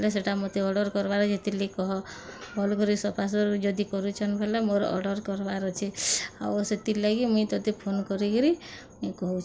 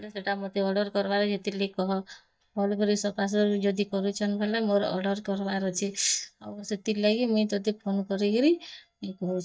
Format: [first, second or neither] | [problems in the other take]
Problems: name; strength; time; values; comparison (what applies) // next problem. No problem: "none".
first | noise reduction (neural mask model DeepFilterNet 3)